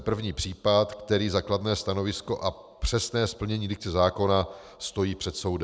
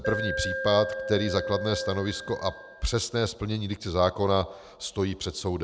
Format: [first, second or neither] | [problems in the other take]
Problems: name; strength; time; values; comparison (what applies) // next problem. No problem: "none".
first | background sound (Alarm); 7 dB below the speech